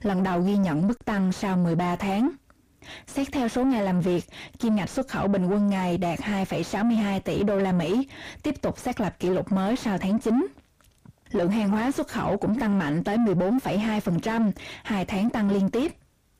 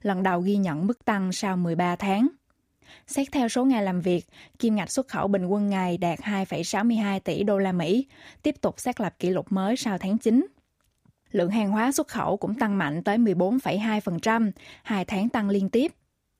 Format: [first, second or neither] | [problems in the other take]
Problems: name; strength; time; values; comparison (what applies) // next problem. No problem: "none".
second | distortion; heavy; 7 dB below the speech